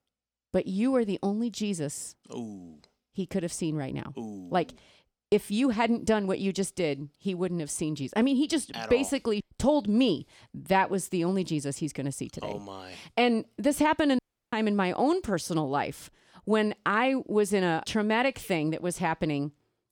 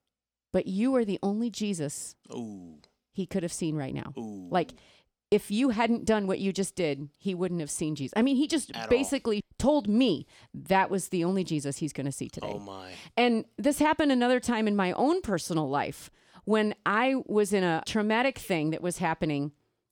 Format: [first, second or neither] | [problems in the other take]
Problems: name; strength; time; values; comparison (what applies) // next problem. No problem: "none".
second | audio cutting out; at 14 s